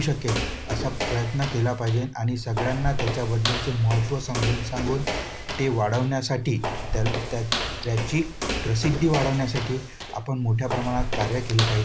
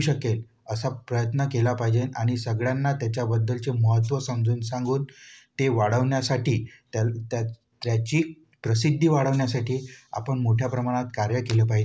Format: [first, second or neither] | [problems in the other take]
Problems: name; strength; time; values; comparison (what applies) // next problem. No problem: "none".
second | background sound (Walk, footsteps); 4 dB below the speech